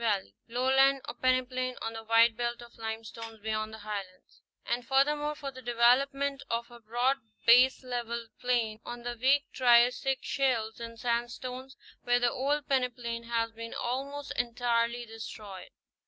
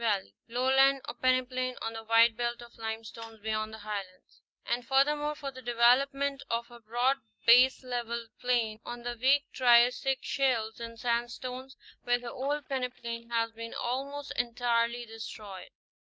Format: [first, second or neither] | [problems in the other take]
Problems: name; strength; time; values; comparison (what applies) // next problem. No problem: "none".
first | noise reduction (neural mask model DeepFilterNet 3)